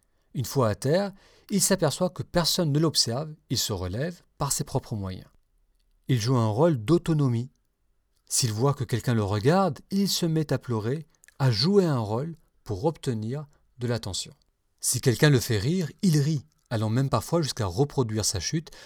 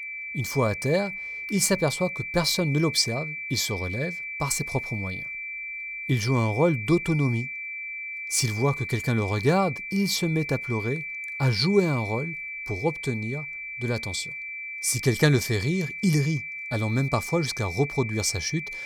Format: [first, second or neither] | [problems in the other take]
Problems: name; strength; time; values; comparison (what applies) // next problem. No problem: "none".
first | high-pitched whine; loud; throughout; 2.5 kHz, 7 dB below the speech